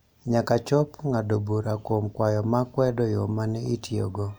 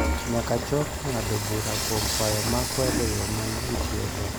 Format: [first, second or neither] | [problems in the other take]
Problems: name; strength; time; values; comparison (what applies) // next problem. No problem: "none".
first | background sound (Frying (food) / Dishes, pots, and pans); 1 dB above the speech